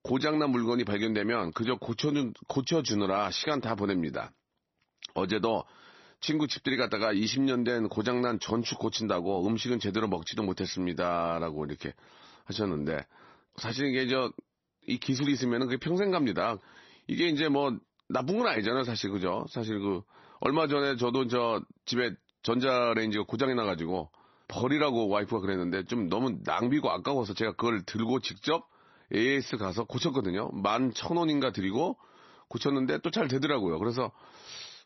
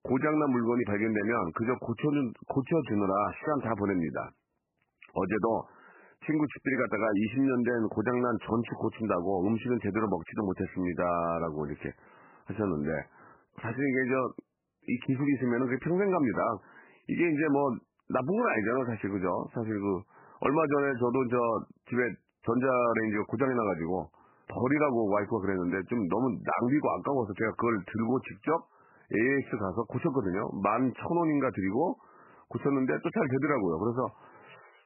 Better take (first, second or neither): first